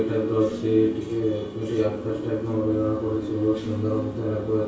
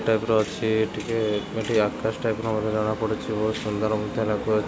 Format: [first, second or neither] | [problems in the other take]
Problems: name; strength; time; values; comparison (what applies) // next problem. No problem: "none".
second | background sound (Guitar); 11 dB below the speech // room echo; dies away in 0.6 s